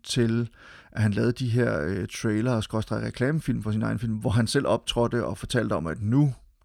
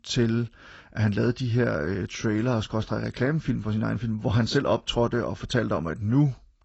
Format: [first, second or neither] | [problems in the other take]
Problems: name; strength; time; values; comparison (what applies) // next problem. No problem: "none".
first | garbled, watery; badly; nothing above 7.5 kHz